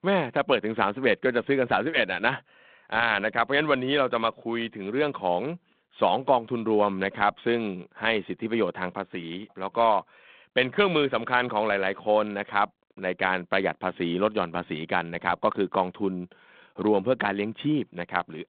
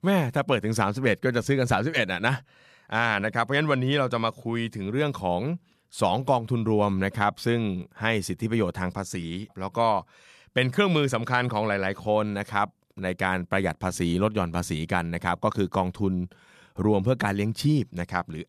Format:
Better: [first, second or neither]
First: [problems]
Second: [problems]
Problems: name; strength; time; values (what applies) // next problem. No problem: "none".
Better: second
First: phone-call audio; nothing above 3.5 kHz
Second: none